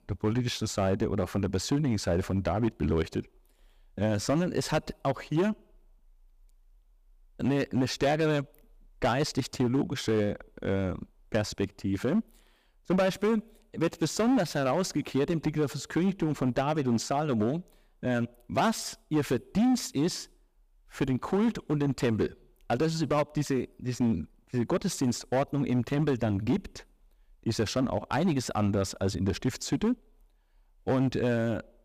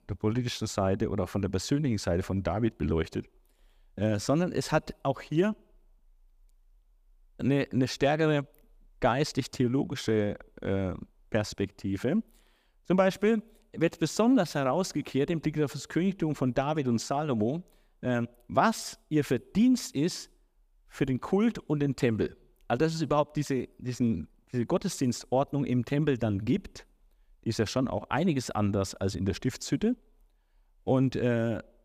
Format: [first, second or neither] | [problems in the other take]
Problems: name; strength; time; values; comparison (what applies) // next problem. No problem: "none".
second | distortion; slight; 7% of the sound clipped